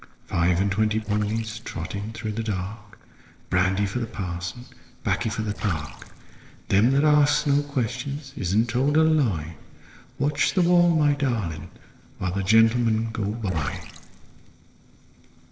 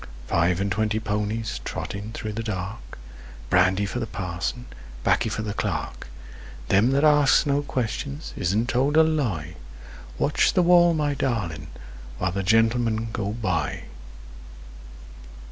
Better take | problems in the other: second | noise reduction (neural separator model SepFormer DNS4)

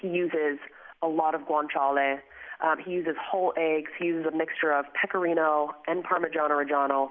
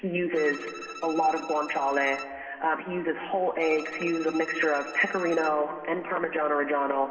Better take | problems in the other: first | background sound (Bowed string instrument); 15 dB below the speech // room echo; dies away in 2.1 s

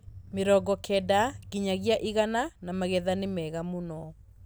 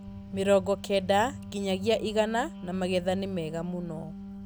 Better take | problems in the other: first | background sound (Wind instrument, woodwind instrument); 14 dB below the speech

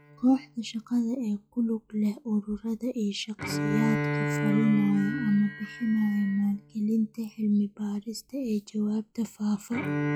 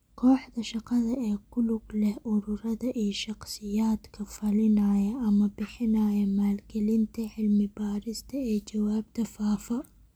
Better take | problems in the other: second | noise reduction (classical method log-MMSE)

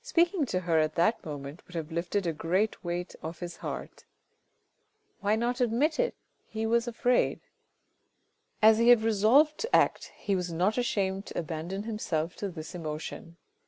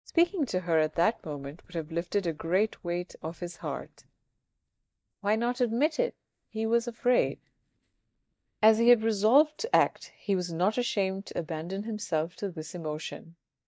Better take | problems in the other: first | noise reduction (neural mask model DeepFilterNet 3)

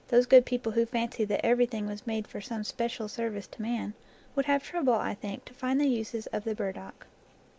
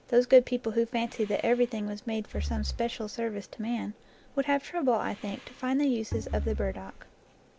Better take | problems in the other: first | background sound (Breathing + Bowed string instrument); 9 dB below the speech

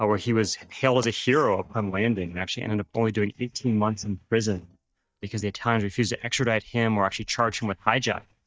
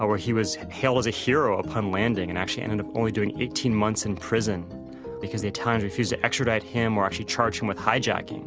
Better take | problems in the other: second | noise reduction (neural mask model DeepFilterNet 3)

